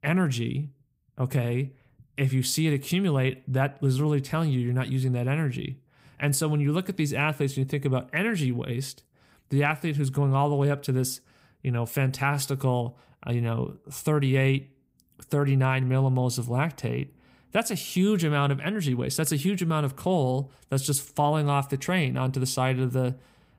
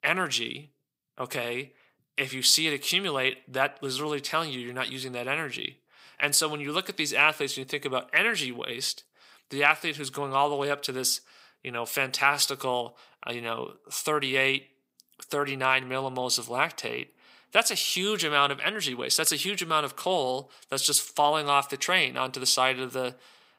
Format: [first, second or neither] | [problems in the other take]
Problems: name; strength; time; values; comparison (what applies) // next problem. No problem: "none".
first | thin; very; fading below 450 Hz